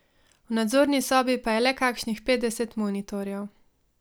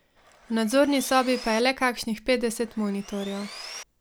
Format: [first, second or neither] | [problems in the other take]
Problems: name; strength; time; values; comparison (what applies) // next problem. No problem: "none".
first | background sound (Sawing); 17 dB below the speech